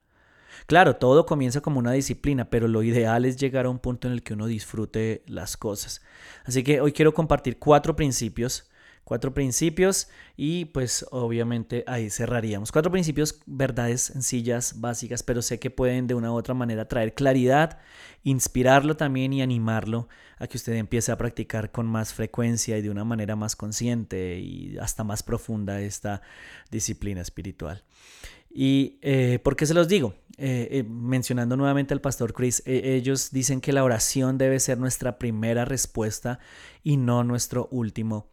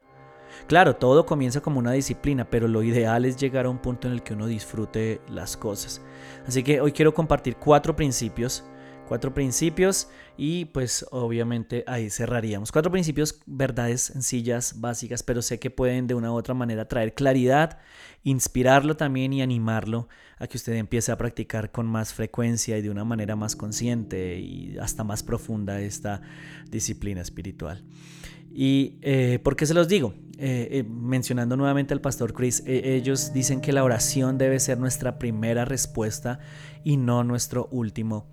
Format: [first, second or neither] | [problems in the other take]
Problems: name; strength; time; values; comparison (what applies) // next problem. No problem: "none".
first | background music; noticeable; throughout; 20 dB below the speech